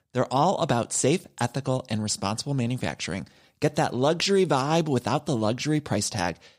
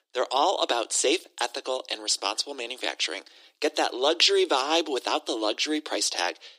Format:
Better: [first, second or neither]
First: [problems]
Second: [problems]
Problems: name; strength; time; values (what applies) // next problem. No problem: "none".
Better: first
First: none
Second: thin; very; fading below 300 Hz